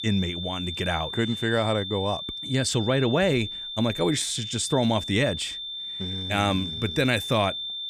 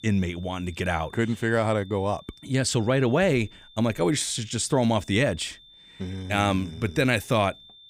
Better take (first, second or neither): second